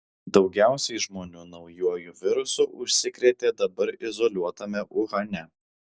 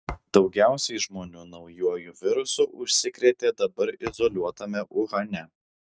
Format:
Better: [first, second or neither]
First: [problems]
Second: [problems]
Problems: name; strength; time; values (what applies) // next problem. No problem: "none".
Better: first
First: none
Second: noise reduction (neural mask model RNNoise)